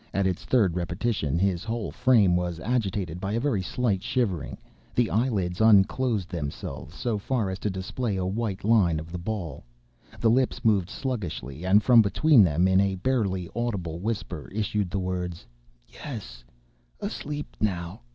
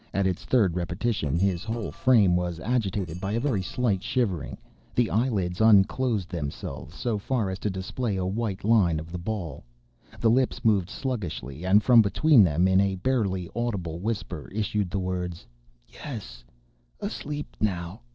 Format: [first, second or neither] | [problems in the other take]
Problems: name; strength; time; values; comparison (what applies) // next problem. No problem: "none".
first | noise reduction (neural separator model SepFormer DNS4)